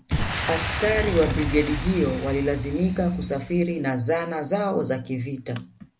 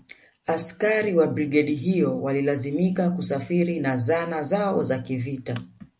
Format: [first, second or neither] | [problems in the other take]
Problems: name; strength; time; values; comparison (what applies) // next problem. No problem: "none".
second | background sound (Boom); 6 dB below the speech